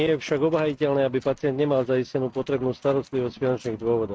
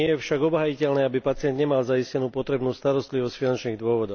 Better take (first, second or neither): second